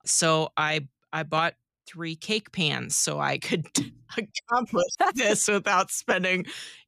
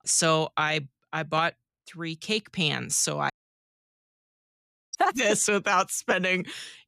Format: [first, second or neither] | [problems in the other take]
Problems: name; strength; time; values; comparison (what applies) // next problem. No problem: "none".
first | audio cutting out; at 3.5 s for 1.5 s